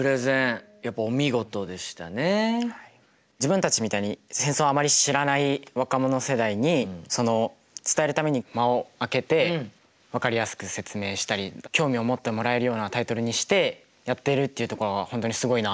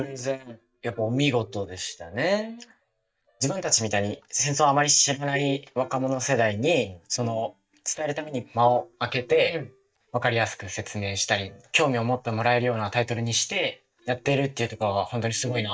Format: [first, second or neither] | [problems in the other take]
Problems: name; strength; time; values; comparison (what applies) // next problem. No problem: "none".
first | noise reduction (neural mask model DeepFilterNet 3)